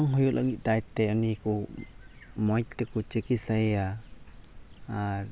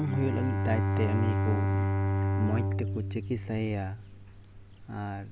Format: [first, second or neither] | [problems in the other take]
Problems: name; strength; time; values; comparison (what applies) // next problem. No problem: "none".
first | background sound (Bowed string instrument); 4 dB above the speech